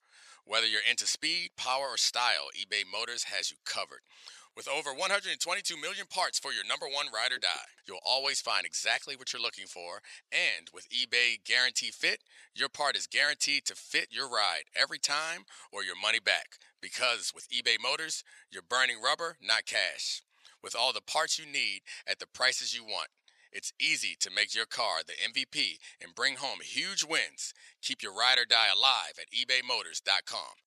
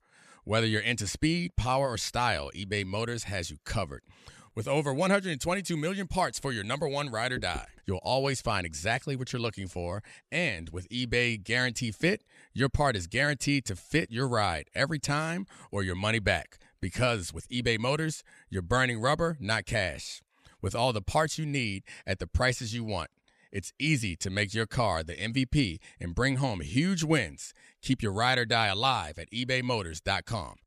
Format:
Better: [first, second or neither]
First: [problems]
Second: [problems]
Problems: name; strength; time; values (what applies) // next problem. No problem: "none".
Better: second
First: thin; very; fading below 700 Hz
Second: none